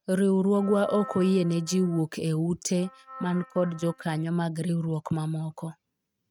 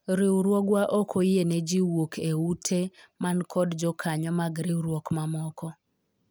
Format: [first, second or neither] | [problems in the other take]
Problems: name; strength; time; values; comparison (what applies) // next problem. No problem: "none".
second | noise reduction (neural mask model RNNoise)